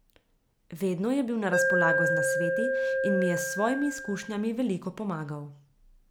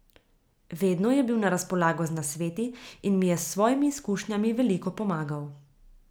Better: second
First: background sound (Alarm); 3 dB above the speech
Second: none

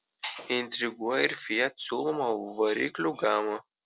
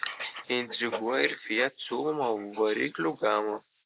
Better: first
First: none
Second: noise reduction (neural mask model Resemble Enhance denoiser)

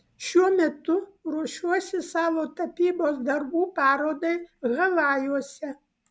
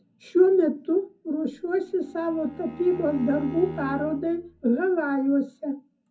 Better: first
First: none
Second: background sound (Bowed string instrument); 15 dB below the speech // room echo; dies away in 0.4 s

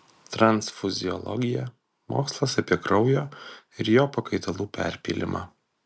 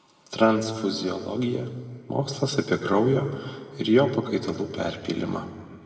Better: first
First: none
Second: room echo; dies away in 1.5 s

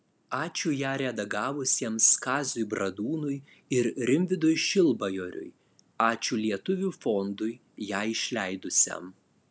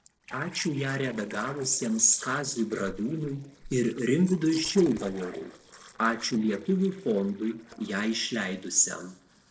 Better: first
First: none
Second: noise reduction (neural separator model SepFormer DNS4)

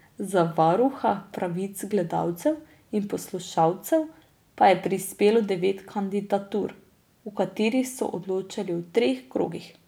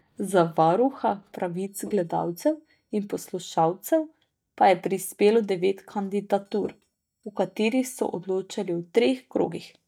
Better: first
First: none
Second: noise reduction (neural mask model DeepFilterNet 3)

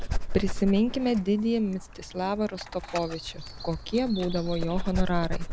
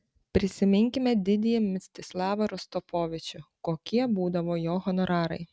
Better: second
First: background sound (Dog); 4 dB below the speech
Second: none

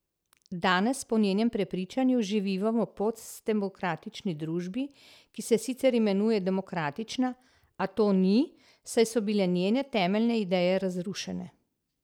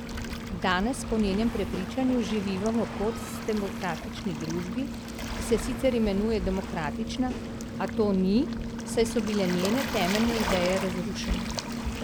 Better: first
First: none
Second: background sound (Waves, surf); 4 dB below the speech

